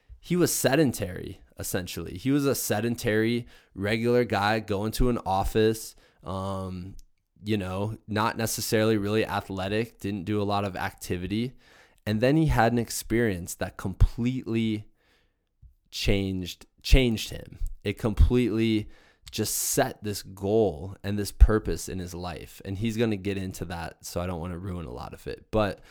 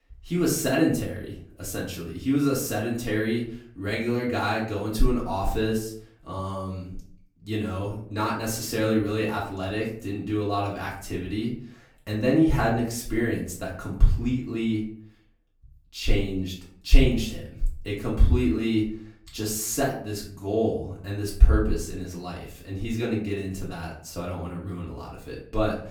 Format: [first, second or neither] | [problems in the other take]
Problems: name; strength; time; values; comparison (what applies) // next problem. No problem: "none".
first | off-mic speech; far // room echo; slight; dies away in 0.4 s